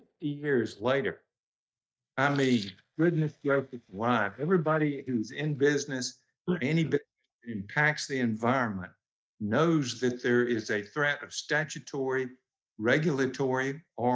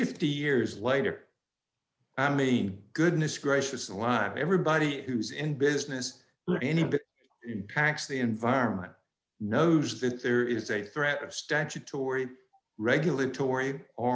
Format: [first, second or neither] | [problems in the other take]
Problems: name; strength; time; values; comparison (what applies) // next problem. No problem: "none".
second | noise reduction (neural mask model DeepFilterNet 3)